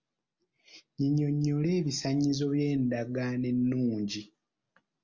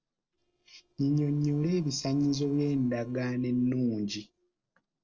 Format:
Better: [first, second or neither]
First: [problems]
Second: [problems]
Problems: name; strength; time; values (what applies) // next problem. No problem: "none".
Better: first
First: none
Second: noise reduction (neural separator model SepFormer DNS4)